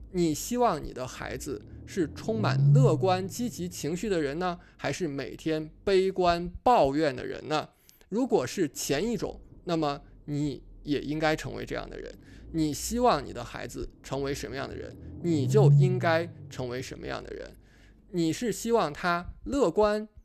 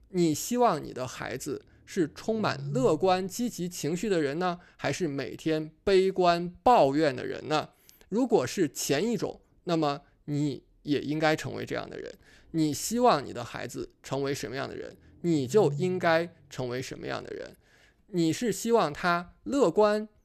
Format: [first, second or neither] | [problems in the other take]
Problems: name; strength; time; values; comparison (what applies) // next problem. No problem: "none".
second | low rumble; loud; throughout; 9 dB below the speech; faint in the second